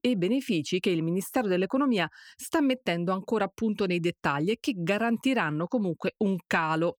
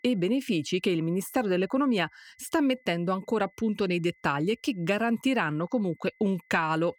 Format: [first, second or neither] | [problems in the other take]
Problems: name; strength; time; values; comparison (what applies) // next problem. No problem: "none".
first | high-pitched whine; faint; throughout; 2 kHz, 35 dB below the speech